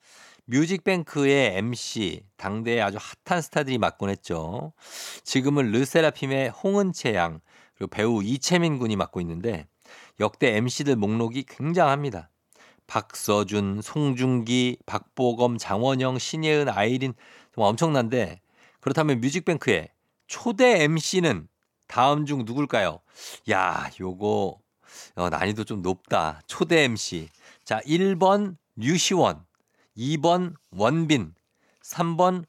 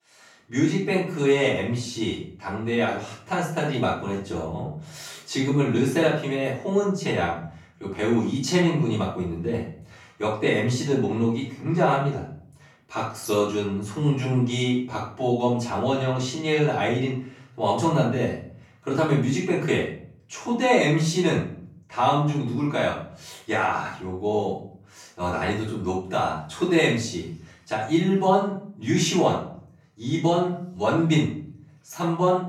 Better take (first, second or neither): first